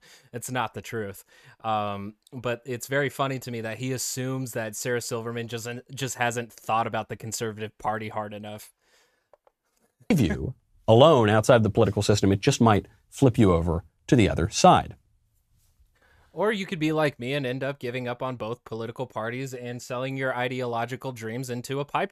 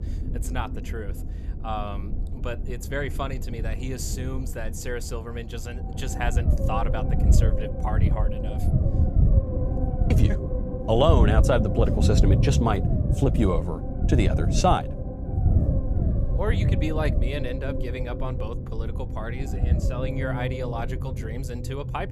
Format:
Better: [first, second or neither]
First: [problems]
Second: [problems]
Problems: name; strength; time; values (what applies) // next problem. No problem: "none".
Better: first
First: none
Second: low rumble; loud; throughout; 6 dB below the speech